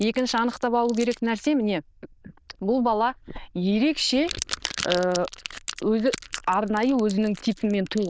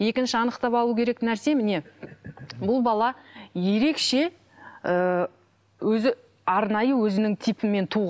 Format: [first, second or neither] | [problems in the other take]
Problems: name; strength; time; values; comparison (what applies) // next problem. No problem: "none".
second | noise reduction (neural diffusion model UNIVERSE++)